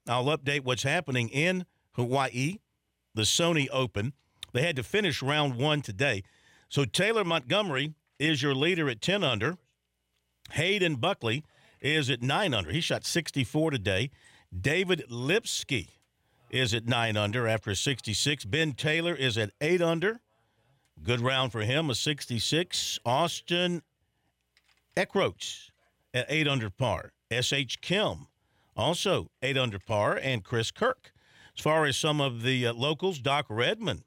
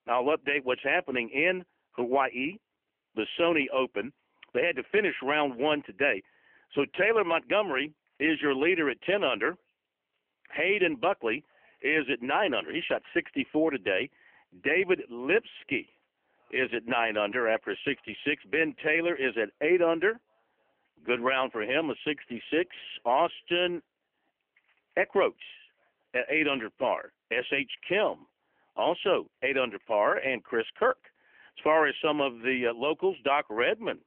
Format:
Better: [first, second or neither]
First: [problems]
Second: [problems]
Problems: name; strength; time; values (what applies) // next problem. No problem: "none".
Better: first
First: none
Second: phone-call audio; nothing above 3 kHz